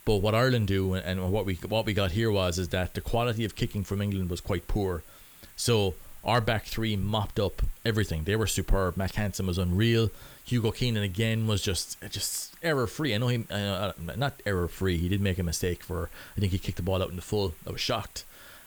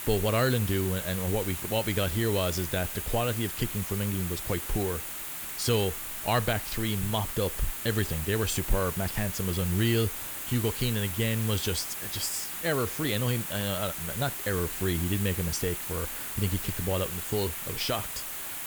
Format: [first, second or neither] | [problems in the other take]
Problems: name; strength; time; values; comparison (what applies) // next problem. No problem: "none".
first | hiss; loud; throughout; 4 dB below the speech; faint in the first